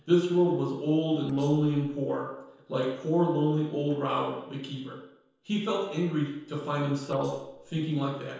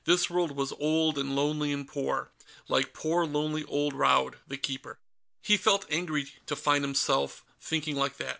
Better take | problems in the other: second | noise reduction (neural separator model SepFormer DNS4)

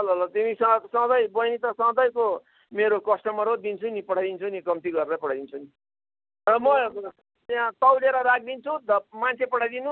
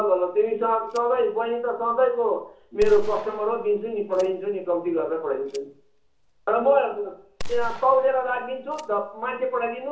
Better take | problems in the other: first | background sound (Gunshot, gunfire); 12 dB below the speech // room echo; dies away in 0.8 s

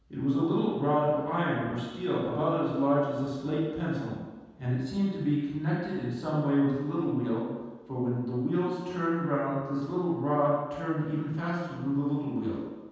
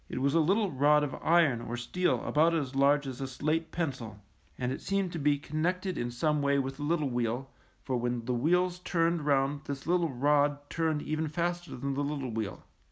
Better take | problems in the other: second | room echo; dies away in 1.2 s

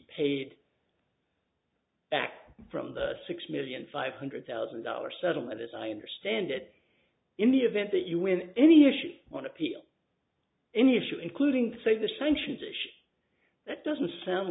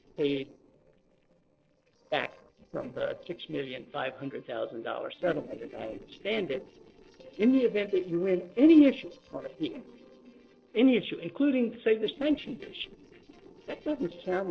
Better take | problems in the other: first | noise reduction (neural separator model SepFormer DNS4)

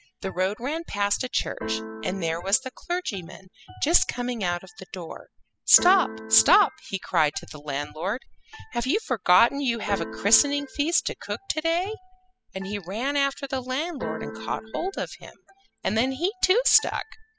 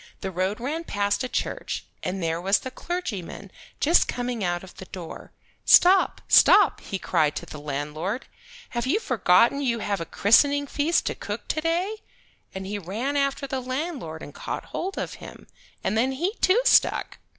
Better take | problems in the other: second | noise reduction (classical method spectral subtraction)

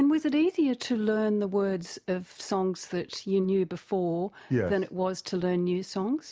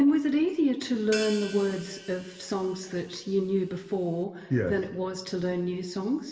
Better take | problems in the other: first | background sound (Crash cymbal / Hi-hat); 16 dB below the speech // room echo; dies away in 1.2 s

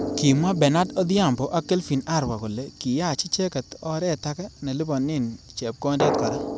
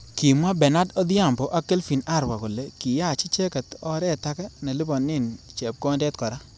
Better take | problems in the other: second | background sound (Drum); 9 dB below the speech

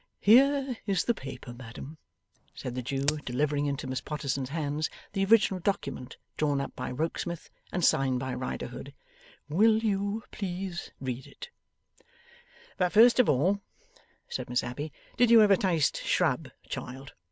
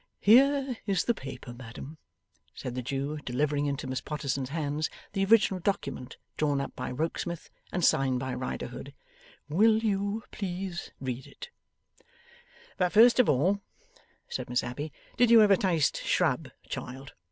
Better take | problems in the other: second | background sound (Crack); 13 dB below the speech

